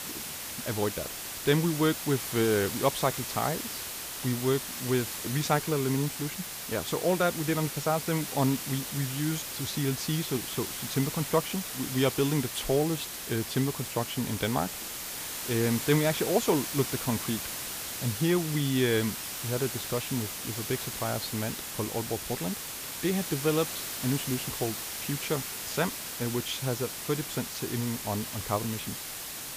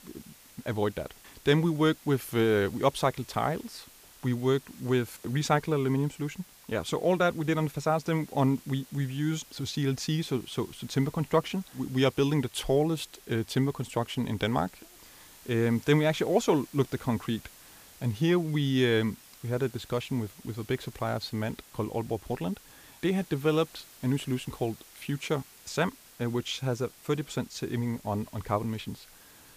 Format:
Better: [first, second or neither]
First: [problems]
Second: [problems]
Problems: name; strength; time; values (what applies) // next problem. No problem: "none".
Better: second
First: hiss; loud; throughout; 4 dB below the speech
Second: hiss; faint; throughout; 20 dB below the speech